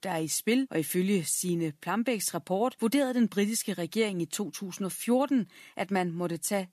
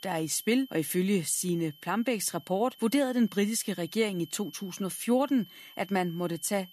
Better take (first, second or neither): first